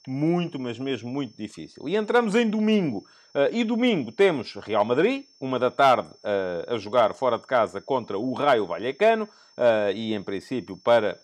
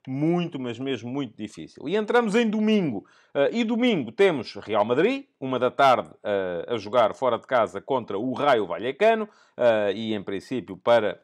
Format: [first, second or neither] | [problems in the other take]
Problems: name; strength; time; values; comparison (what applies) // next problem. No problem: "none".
second | high-pitched whine; faint; throughout; 5.5 kHz, 30 dB below the speech